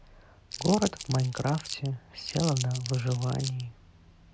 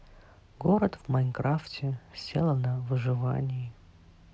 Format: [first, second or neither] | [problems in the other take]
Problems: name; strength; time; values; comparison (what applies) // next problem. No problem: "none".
second | background sound (Crumpling, crinkling); 10 dB below the speech